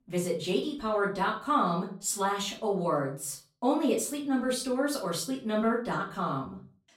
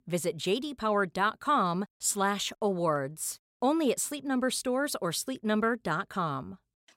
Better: second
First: off-mic speech; far // room echo; slight; dies away in 0.3 s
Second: none

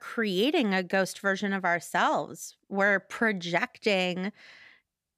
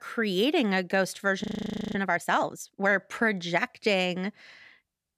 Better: first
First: none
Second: audio freezing; at 1.5 s for 0.5 s

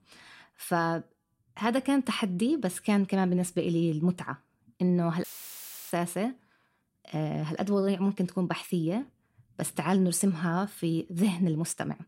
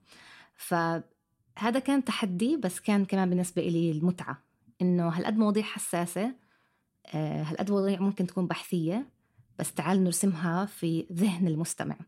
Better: second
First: audio cutting out; filled with static; at 5 s for 0.5 s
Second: none

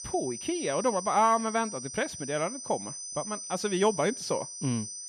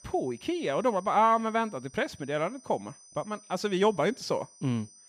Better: second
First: high-pitched whine; loud; throughout; 6 kHz, 8 dB below the speech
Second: high-pitched whine; faint; throughout; 6 kHz, 25 dB below the speech

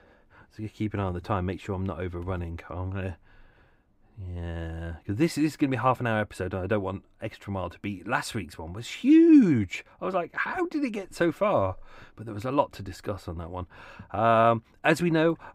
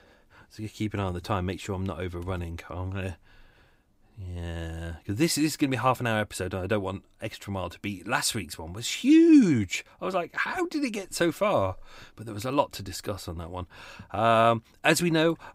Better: second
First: muffled; slightly; fading above 3 kHz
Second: none

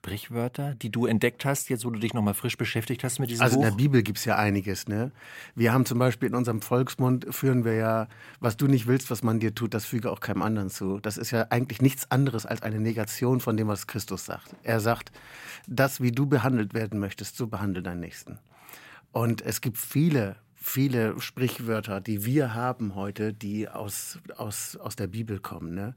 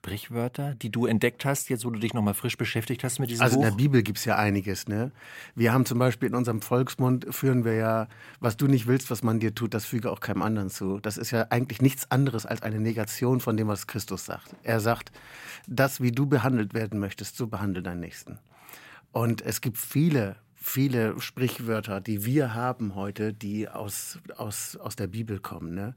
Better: neither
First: none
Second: none

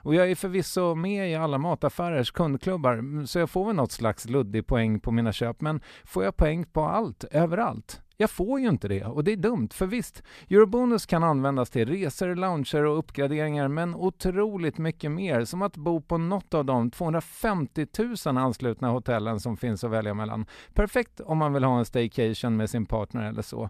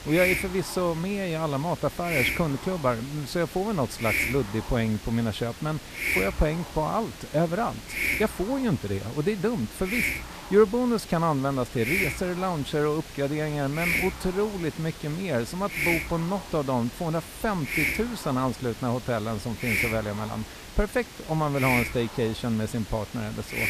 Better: first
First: none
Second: hiss; loud; throughout; 4 dB below the speech

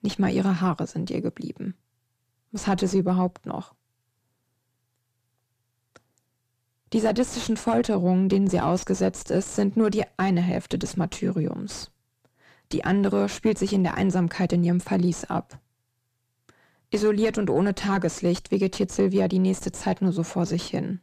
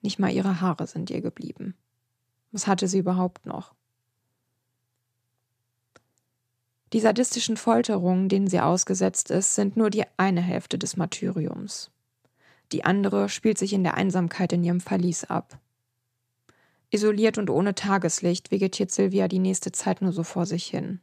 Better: second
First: distortion; slight; 9 dB below the speech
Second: none

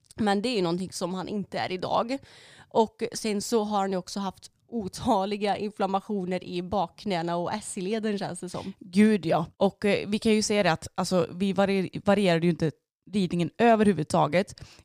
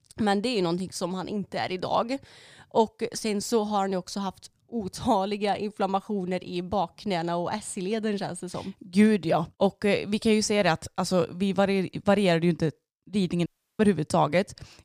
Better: first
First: none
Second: audio cutting out; at 13 s

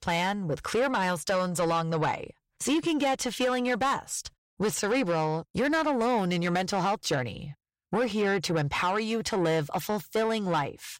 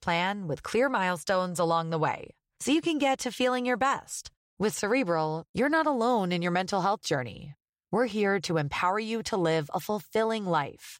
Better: second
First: distortion; slight; 10 dB below the speech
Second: none

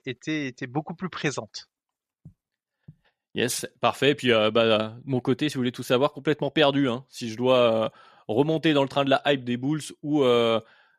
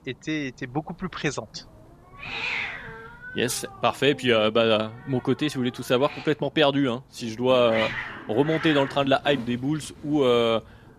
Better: first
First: none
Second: hiss; noticeable; throughout; 10 dB below the speech

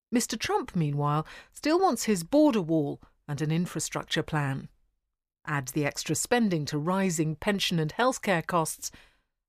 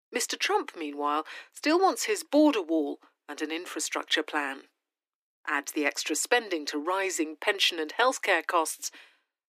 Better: first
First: none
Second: thin; somewhat; fading below 300 Hz

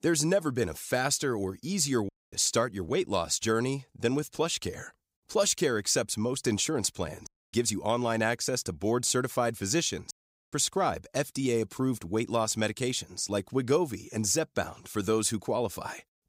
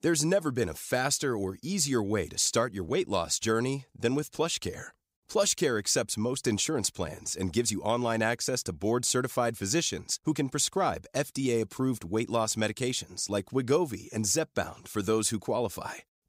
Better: second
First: audio cutting out; at 2 s, at 7.5 s and at 10 s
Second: none

